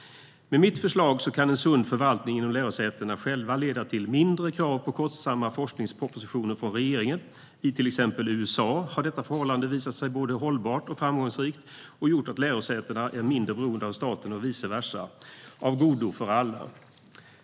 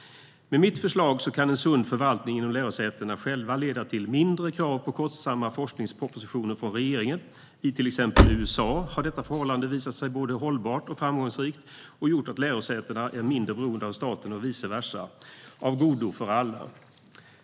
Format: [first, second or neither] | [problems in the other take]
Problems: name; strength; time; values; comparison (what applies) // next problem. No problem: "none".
first | background sound (Slam); 4 dB above the speech